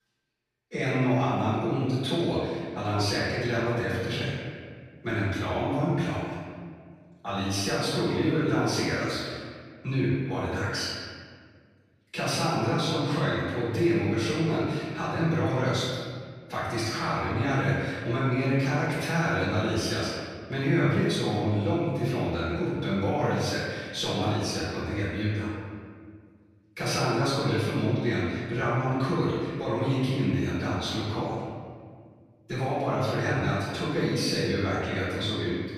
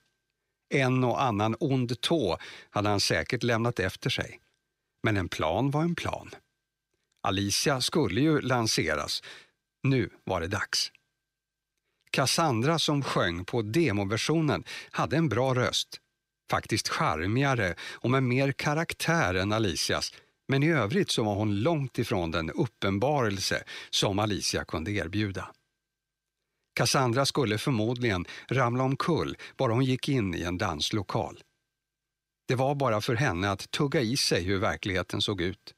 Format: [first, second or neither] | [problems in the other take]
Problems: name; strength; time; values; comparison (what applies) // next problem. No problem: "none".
second | off-mic speech; far // room echo; strong; dies away in 1.8 s